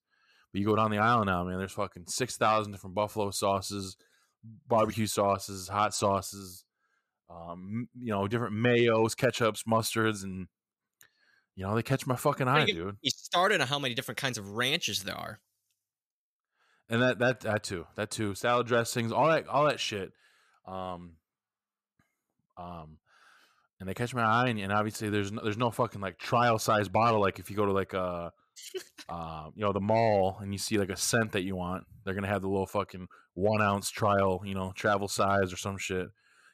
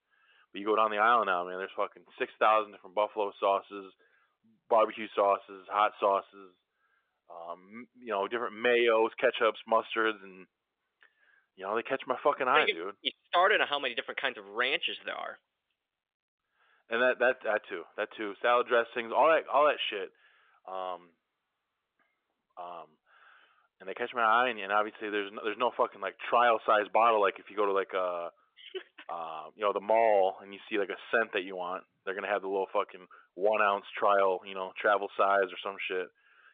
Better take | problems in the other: first | phone-call audio

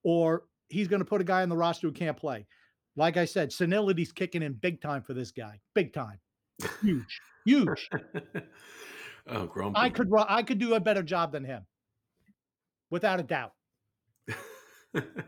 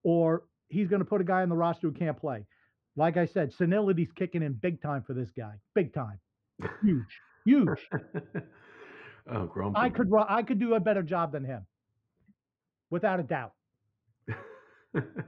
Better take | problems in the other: first | muffled; very; fading above 1.5 kHz

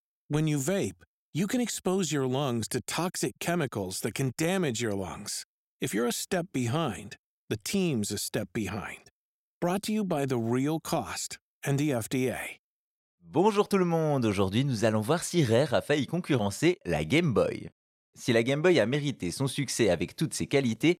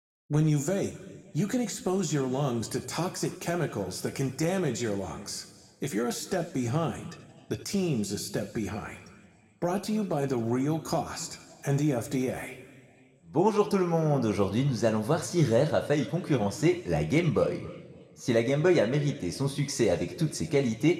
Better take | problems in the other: first | room echo; very slight; dies away in 1.4 s

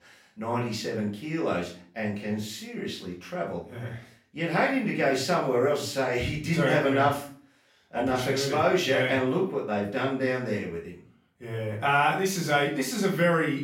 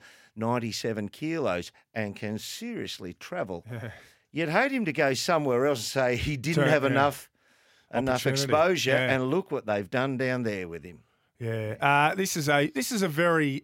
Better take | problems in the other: second | off-mic speech; far // room echo; slight; dies away in 0.4 s

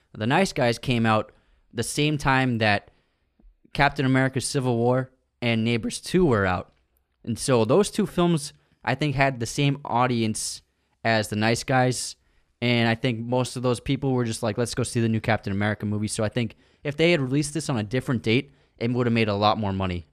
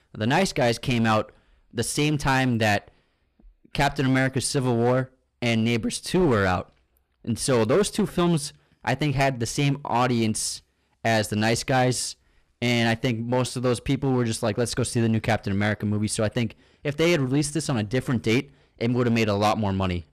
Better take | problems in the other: first | distortion; slight; 6% of the sound clipped

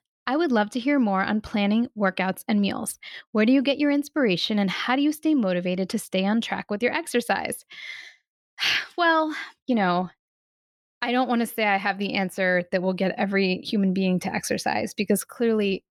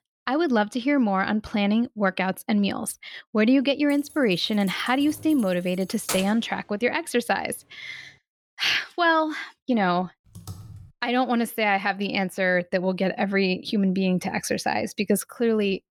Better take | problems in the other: first | jangling keys; noticeable; from 4 to 6.5 s; peak 6 dB below the speech // keyboard typing; faint; at 10 s; peak 15 dB below the speech

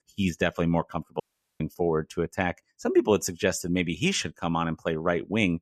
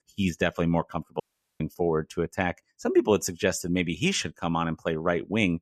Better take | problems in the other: neither | audio cutting out; at 1 s; the same in both

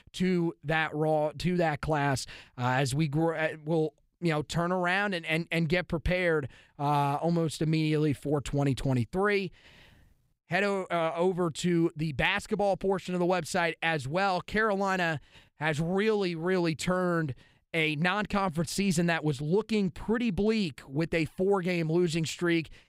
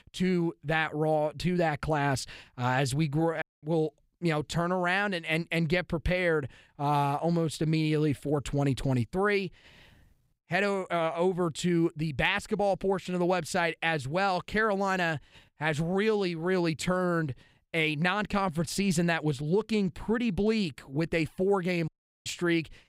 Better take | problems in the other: first | audio cutting out; at 3.5 s and at 22 s

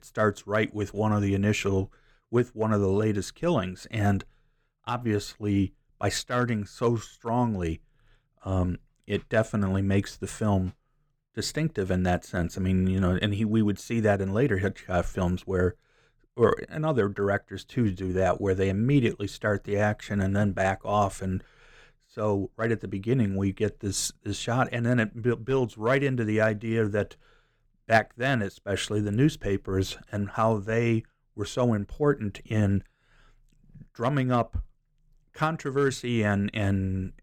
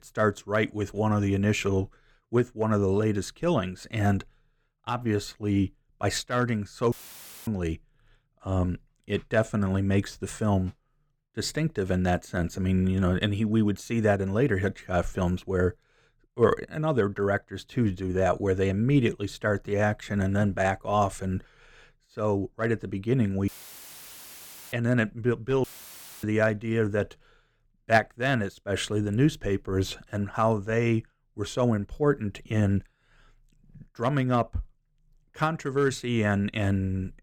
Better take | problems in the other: first | audio cutting out; filled with static; at 7 s for 0.5 s, at 23 s for 1.5 s and at 26 s for 0.5 s

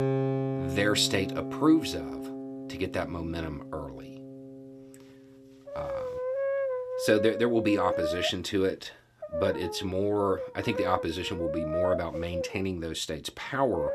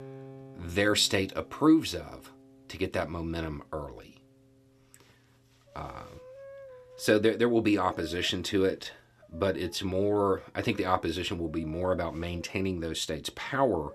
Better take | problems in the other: second | background music; loud; throughout; 5 dB below the speech; faint in the second

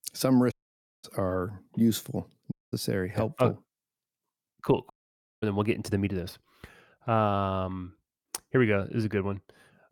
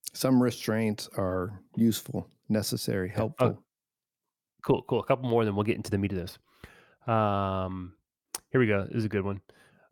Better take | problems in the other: second | audio cutting out; at 0.5 s for 0.5 s, at 2.5 s and at 5 s for 0.5 s

